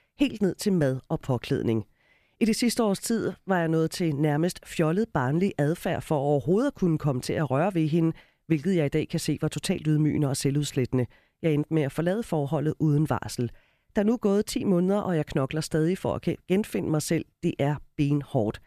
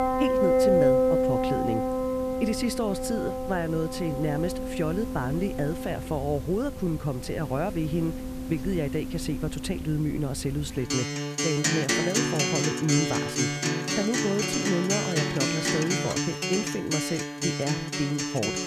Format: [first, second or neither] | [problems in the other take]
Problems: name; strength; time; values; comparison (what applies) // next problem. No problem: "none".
first | background music; very loud; throughout; 2 dB above the speech